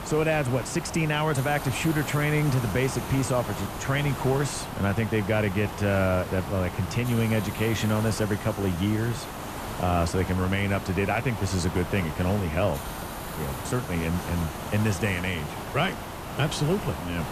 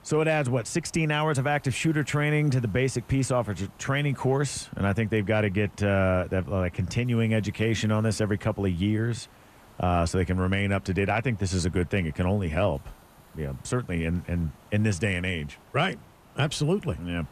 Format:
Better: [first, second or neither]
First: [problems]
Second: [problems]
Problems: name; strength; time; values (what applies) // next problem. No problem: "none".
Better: second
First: hiss; loud; throughout; 8 dB below the speech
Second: hiss; faint; throughout; 25 dB below the speech